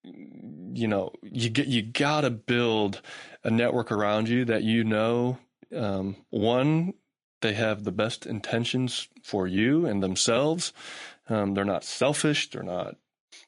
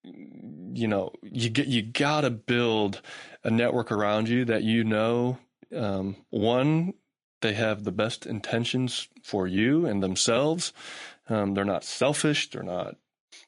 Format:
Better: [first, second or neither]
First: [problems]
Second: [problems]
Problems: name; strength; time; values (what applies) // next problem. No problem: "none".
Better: neither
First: garbled, watery; slightly; nothing above 10.5 kHz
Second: garbled, watery; slightly; nothing above 10.5 kHz